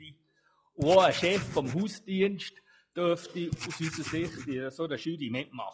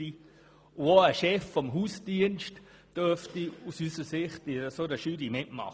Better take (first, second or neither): second